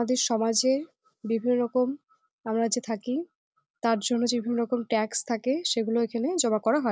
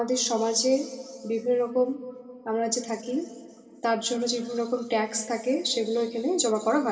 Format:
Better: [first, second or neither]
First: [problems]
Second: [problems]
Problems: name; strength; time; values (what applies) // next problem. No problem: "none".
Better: first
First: none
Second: room echo; dies away in 2.3 s